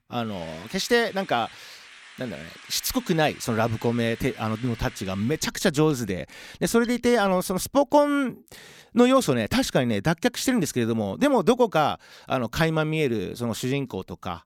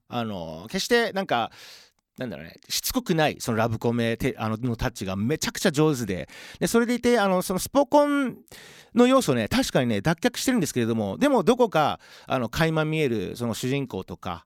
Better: second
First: machinery noise; faint; until 7.5 s; 20 dB below the speech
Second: none

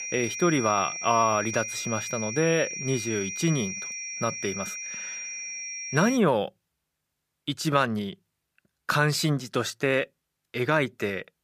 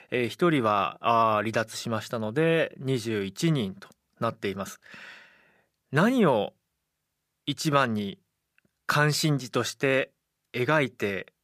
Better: second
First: high-pitched whine; loud; until 6 s; 5.5 kHz, 6 dB below the speech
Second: none

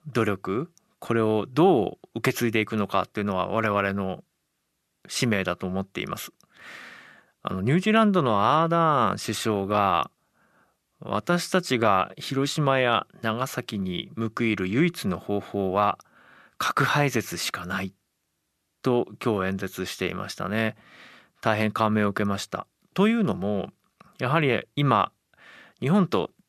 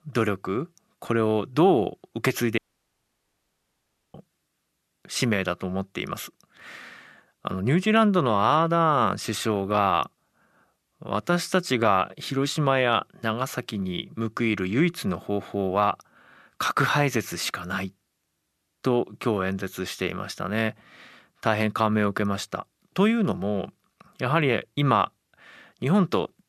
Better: first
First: none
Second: audio cutting out; at 2.5 s for 1.5 s

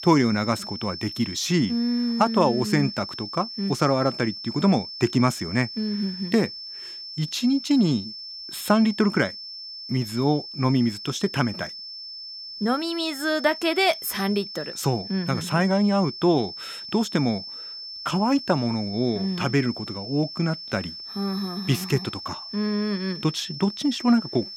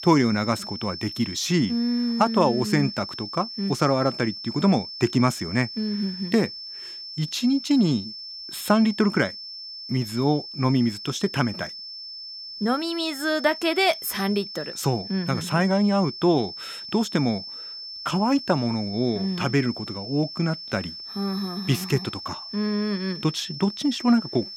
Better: neither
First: high-pitched whine; loud; throughout; 5.5 kHz, 10 dB below the speech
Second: high-pitched whine; loud; throughout; 5.5 kHz, 10 dB below the speech

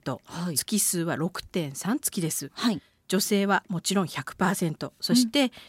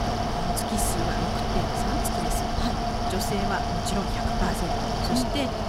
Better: first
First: none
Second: machinery noise; very loud; throughout; 5 dB above the speech

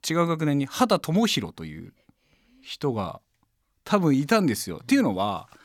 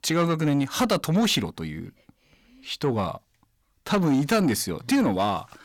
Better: first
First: none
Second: distortion; slight; 10 dB below the speech

